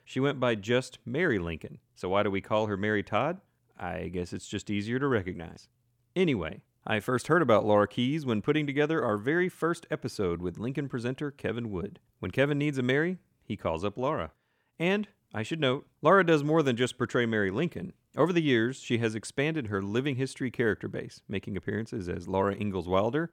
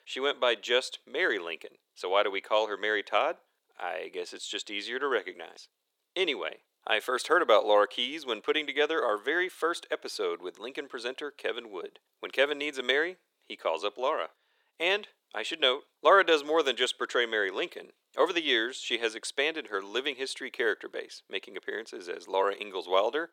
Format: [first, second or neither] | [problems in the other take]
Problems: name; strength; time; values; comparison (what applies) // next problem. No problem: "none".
first | thin; very; fading below 400 Hz